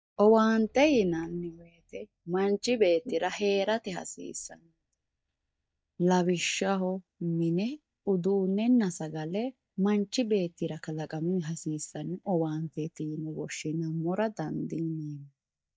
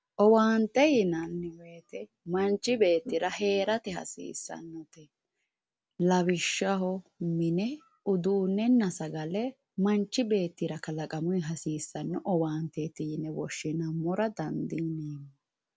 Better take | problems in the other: second | noise reduction (neural mask model DeepFilterNet 3)

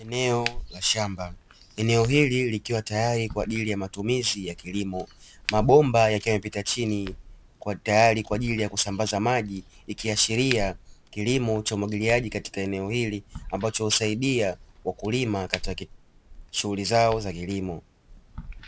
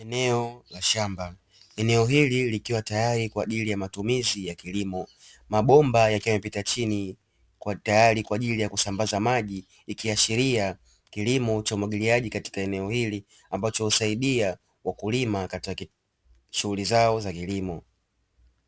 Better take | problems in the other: second | background sound (Crack); 15 dB below the speech

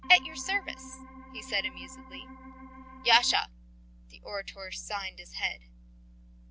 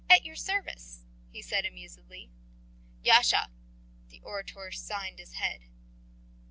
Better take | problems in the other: second | background sound (Organ); 15 dB below the speech

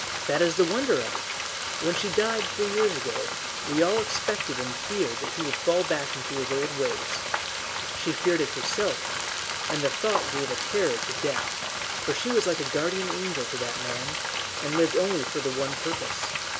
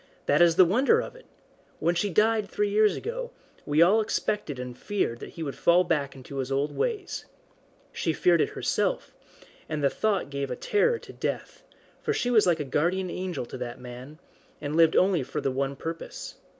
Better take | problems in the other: second | background sound (Frying (food)); 2 dB below the speech

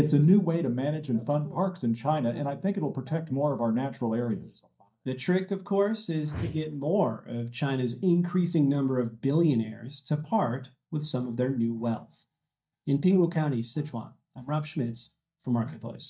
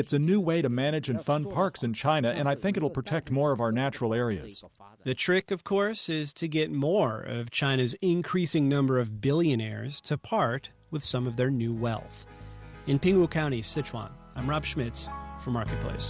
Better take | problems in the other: second | noise reduction (neural mask model DeepFilterNet 3)

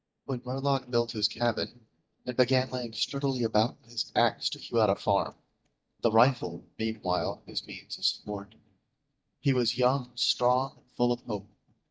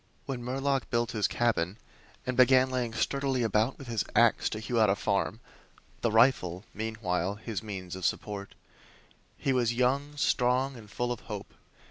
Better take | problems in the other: second | noise reduction (neural mask model DeepFilterNet 3)

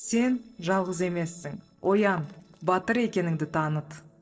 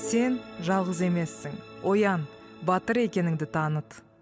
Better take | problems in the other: second | noise reduction (neural separator model SepFormer DNS4)

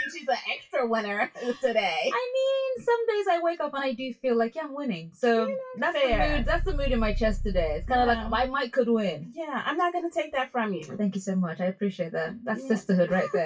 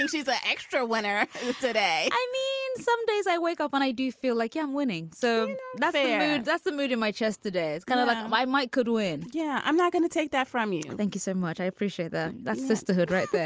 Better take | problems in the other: second | noise reduction (classical method WPE with log-MMSE)

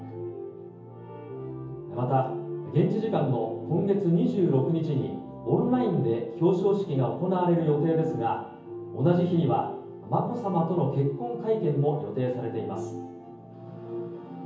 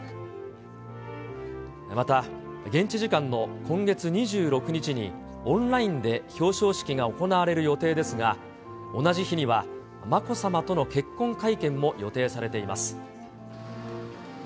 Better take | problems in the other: second | room echo; dies away in 0.7 s

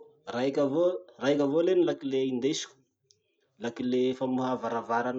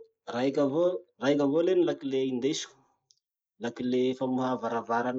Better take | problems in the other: first | noise reduction (neural mask model Resemble Enhance denoiser)

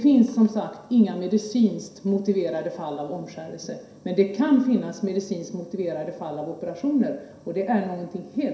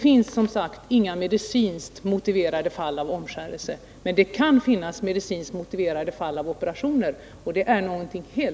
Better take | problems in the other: second | room echo; dies away in 0.7 s

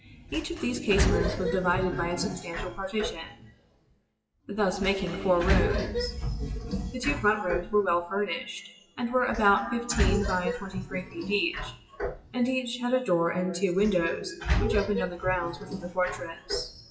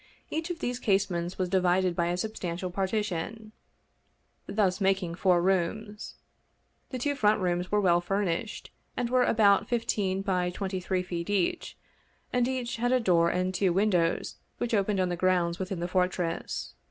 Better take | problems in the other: second | noise reduction (classical method WPE with log-MMSE)

